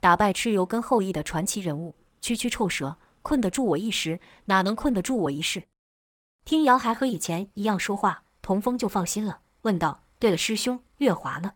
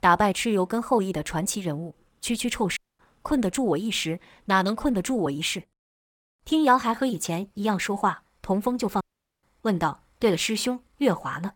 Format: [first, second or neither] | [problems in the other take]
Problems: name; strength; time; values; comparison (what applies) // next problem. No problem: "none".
first | audio cutting out; at 3 s and at 9 s